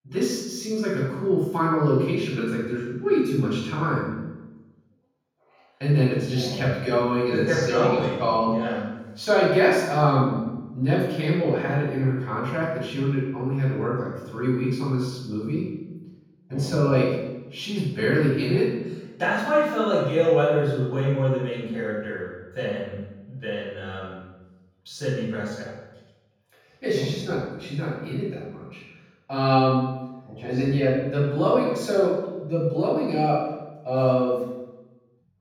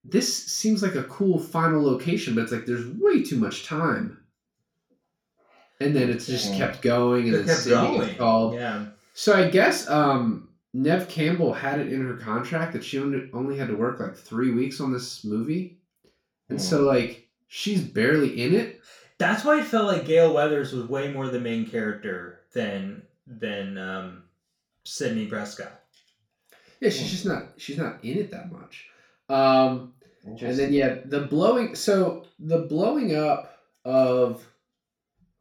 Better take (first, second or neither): second